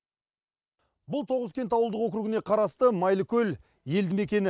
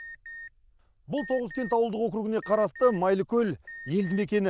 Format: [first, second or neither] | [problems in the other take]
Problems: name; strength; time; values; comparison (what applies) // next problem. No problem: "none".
first | noise reduction (neural diffusion model UNIVERSE++)